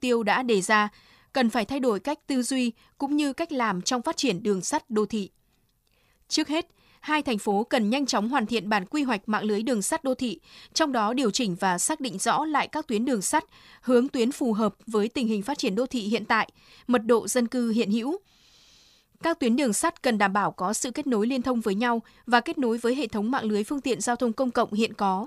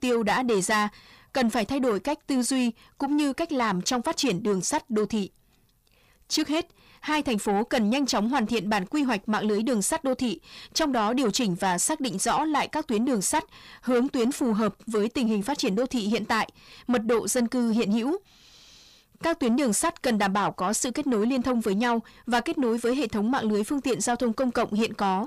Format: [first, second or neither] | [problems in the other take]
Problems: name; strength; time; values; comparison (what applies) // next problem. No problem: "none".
first | distortion; slight; 10 dB below the speech